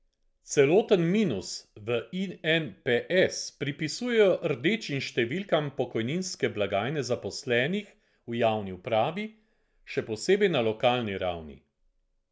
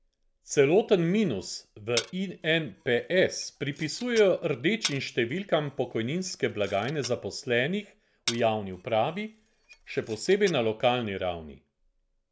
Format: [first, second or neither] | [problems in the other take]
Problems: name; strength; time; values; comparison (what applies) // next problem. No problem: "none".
first | background sound (Glass); 14 dB below the speech